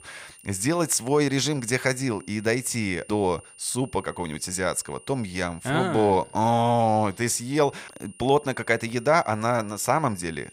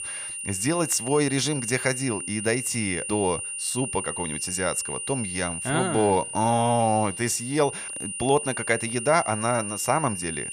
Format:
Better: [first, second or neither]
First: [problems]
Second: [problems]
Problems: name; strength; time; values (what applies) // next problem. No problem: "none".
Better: first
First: high-pitched whine; faint; throughout; 9.5 kHz, 25 dB below the speech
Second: high-pitched whine; loud; throughout; 9.5 kHz, 5 dB below the speech